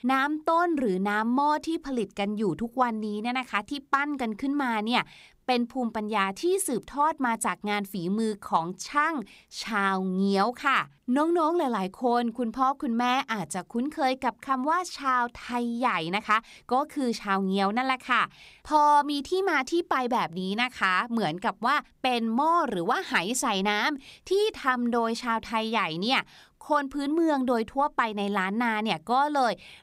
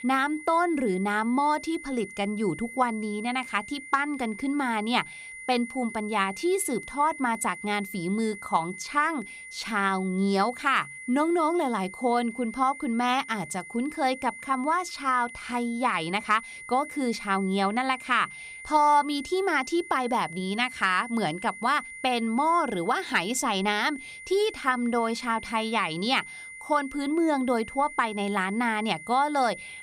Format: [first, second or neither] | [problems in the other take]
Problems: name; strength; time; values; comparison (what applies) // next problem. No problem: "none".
first | high-pitched whine; noticeable; throughout; 2 kHz, 15 dB below the speech